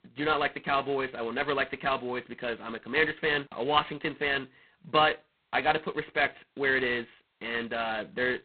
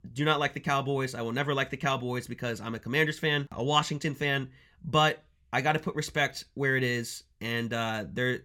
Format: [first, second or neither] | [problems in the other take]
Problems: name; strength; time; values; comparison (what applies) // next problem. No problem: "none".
second | phone-call audio; poor line; nothing above 4 kHz